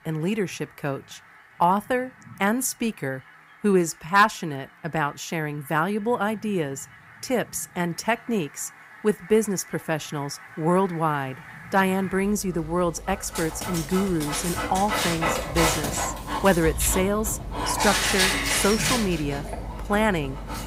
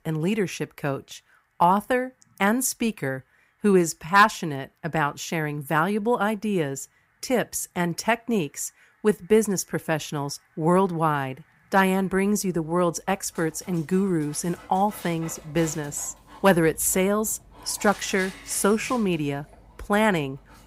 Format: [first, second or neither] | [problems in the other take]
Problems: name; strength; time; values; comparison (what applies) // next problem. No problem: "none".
second | animal sounds; loud; throughout; 2 dB below the speech; faint in the second